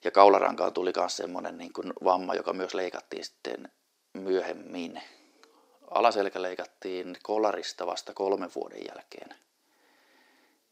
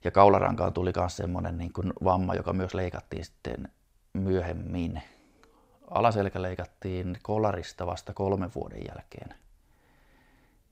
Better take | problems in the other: second | thin; somewhat; fading below 300 Hz

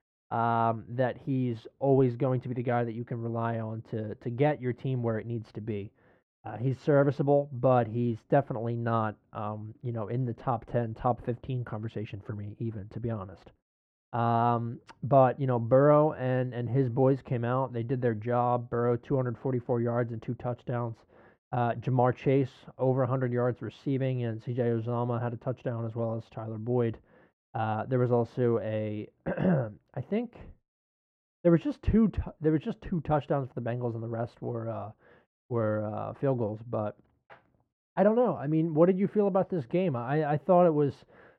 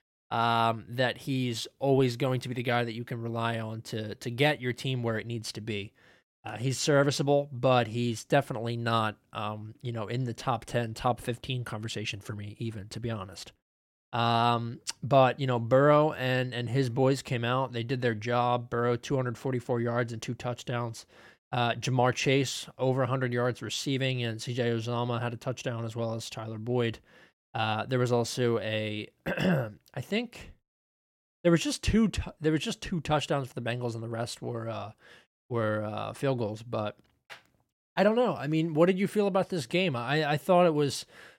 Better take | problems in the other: second | muffled; very; fading above 3 kHz

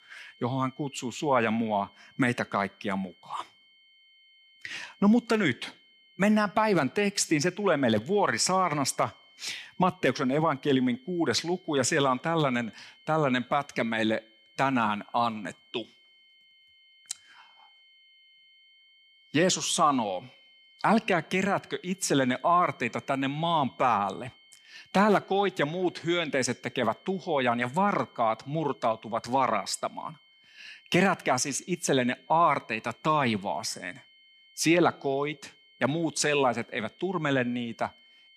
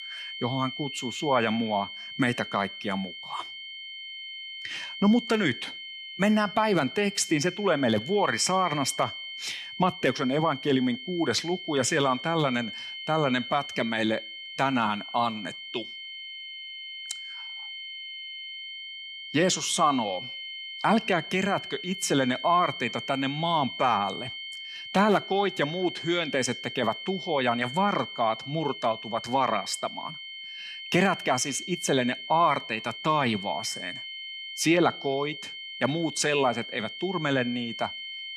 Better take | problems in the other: first | high-pitched whine; loud; throughout; 3 kHz, 10 dB below the speech; faint in the first

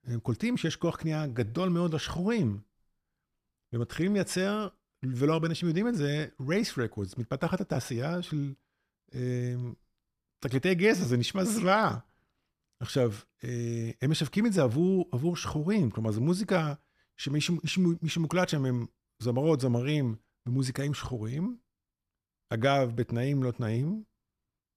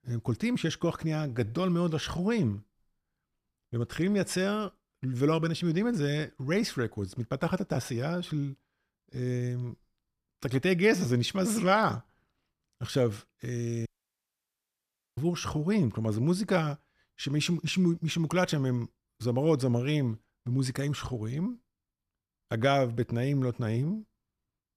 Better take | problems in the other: first | audio cutting out; at 14 s for 1.5 s

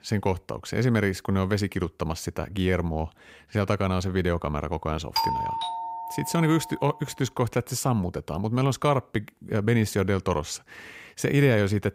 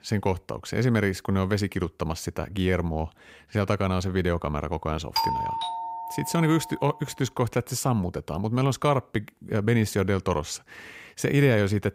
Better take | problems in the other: neither | doorbell; loud; from 5 to 6.5 s; peak 1 dB above the speech; the same in both

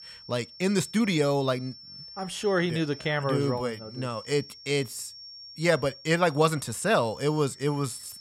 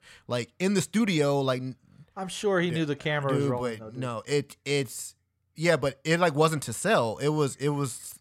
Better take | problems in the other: second | high-pitched whine; noticeable; throughout; 5.5 kHz, 15 dB below the speech

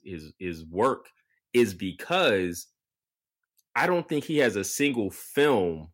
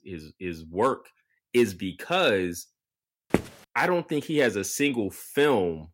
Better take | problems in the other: first | footsteps; very faint; at 3.5 s; peak 3 dB below the speech

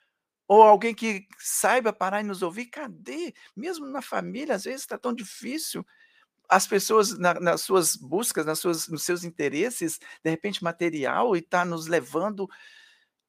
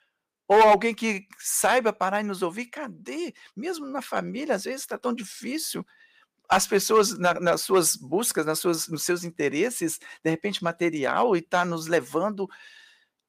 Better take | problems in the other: first | distortion; slight; 1.1% of the sound clipped

